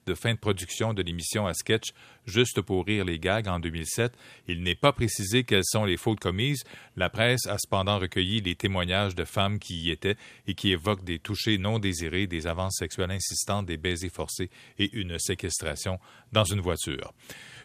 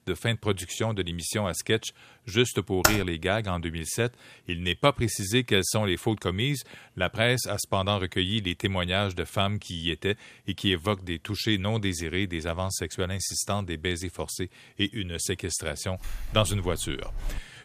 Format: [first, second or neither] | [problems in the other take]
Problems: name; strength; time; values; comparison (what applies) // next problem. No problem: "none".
first | keyboard typing; loud; at 3 s; peak 4 dB above the speech // jangling keys; faint; from 16 s on; peak 10 dB below the speech